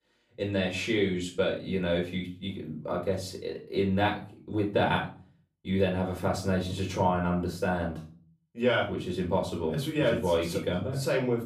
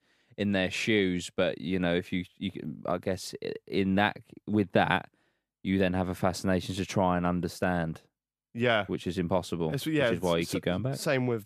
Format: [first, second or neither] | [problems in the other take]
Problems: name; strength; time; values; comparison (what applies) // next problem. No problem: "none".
second | off-mic speech; far // room echo; slight; dies away in 0.4 s